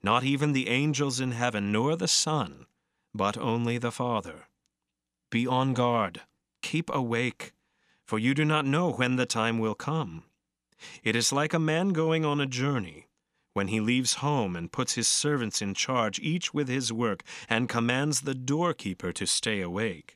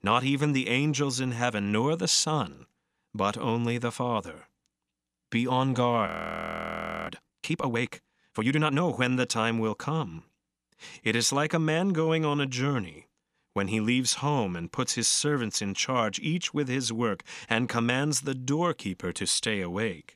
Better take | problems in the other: first | audio freezing; at 6 s for 1 s

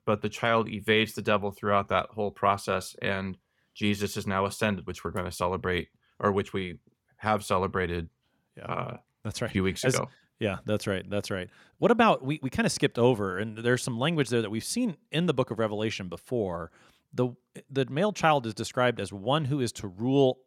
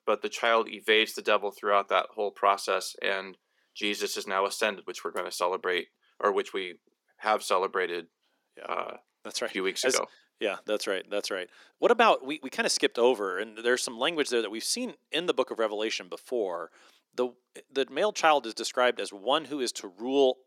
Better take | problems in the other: first | thin; somewhat; fading below 300 Hz

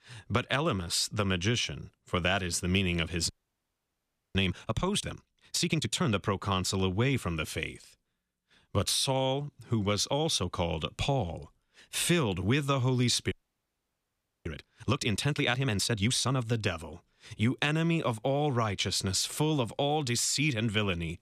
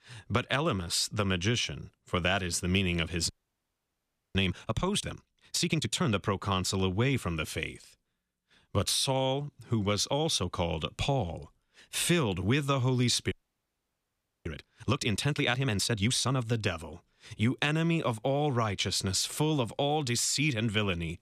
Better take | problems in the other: neither | audio freezing; at 3.5 s for 1 s and at 13 s for 1 s; the same in both

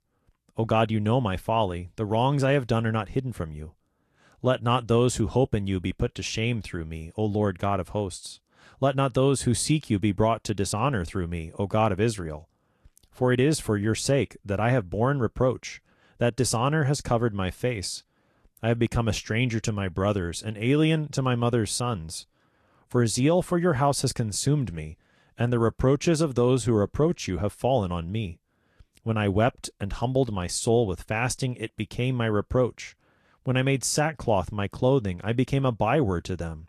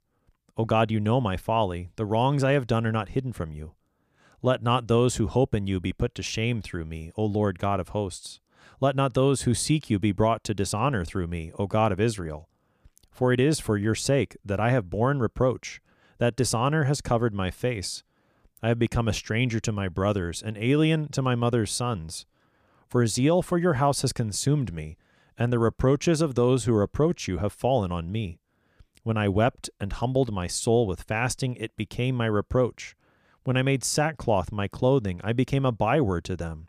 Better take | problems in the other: second | garbled, watery; slightly

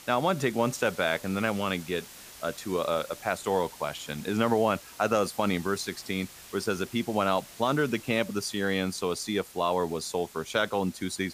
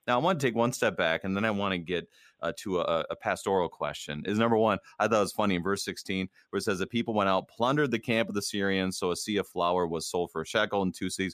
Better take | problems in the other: second | hiss; noticeable; throughout; 15 dB below the speech

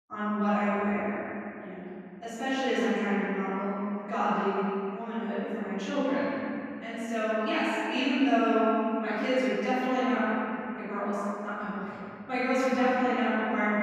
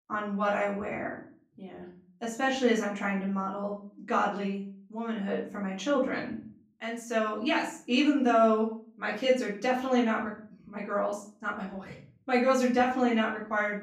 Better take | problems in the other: second | room echo; strong; dies away in 2.7 s; slight in the second // off-mic speech; far; far in the second

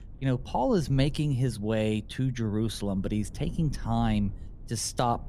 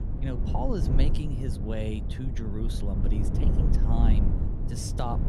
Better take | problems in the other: first | low rumble; loud; throughout; 3 dB below the speech; faint in the first

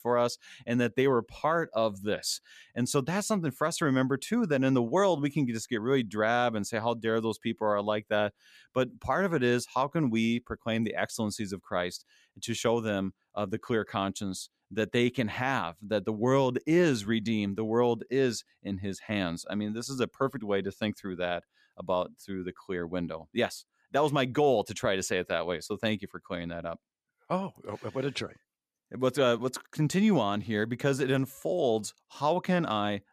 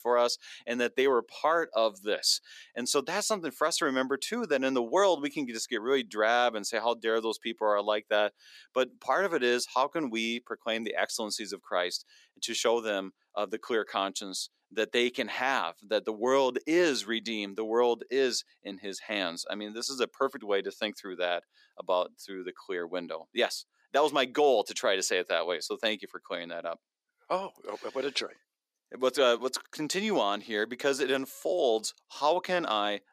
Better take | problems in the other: first | thin; somewhat; fading below 350 Hz

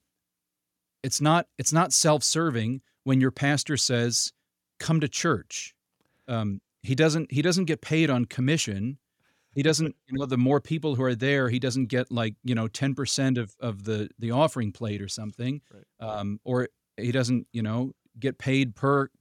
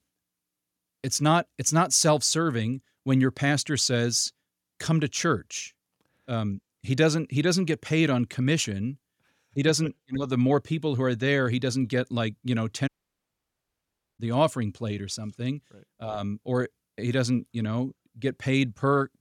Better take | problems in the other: first | audio cutting out; at 13 s for 1.5 s

